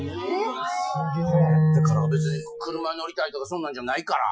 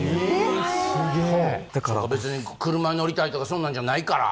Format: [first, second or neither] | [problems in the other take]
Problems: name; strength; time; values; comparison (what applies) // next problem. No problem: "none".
second | noise reduction (classical method Wiener filter)